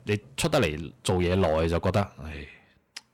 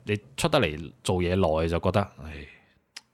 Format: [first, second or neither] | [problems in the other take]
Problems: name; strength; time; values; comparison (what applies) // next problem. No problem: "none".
second | distortion; slight; 3% of the sound clipped